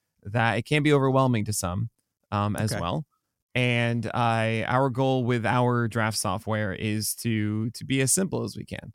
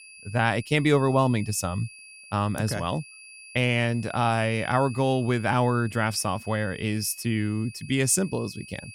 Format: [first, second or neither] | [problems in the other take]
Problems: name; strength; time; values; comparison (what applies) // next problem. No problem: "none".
first | high-pitched whine; noticeable; throughout; 2.5 kHz, 20 dB below the speech